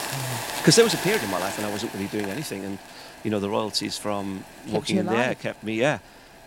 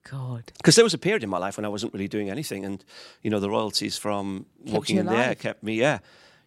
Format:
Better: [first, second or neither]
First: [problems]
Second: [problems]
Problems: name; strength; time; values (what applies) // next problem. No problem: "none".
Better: second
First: hiss; loud; throughout; 7 dB below the speech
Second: none